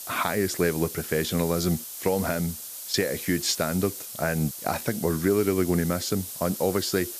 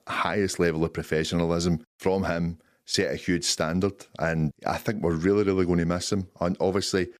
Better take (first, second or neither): second